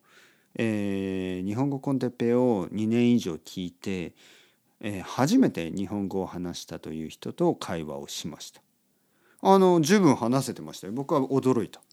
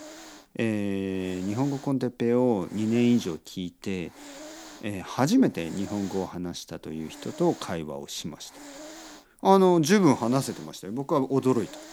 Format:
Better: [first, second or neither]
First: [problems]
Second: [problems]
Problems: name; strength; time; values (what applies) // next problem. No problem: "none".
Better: first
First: none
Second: hiss; noticeable; throughout; 20 dB below the speech